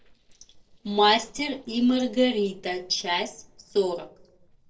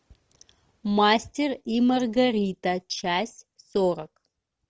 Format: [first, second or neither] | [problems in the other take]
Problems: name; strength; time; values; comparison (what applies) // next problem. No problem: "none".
second | noise reduction (neural separator model SepFormer DNS4)